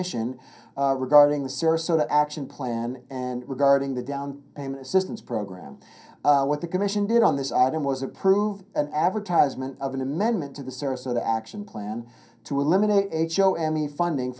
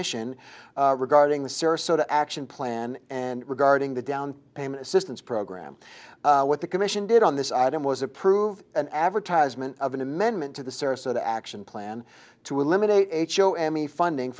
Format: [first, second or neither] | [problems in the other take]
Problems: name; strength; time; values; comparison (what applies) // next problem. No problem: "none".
second | room echo; dies away in 0.3 s